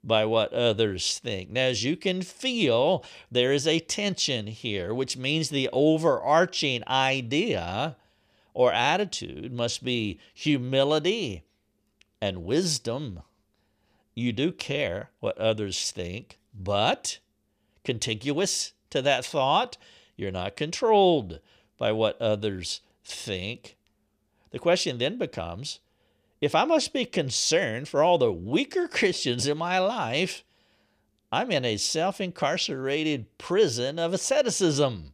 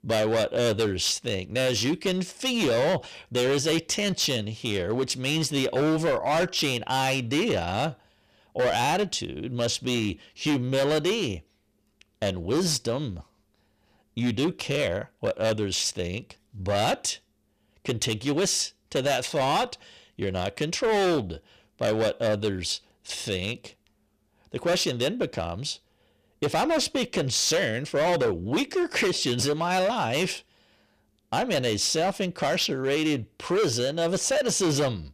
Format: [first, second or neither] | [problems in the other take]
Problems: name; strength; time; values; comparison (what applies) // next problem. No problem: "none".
first | distortion; heavy; 13% of the sound clipped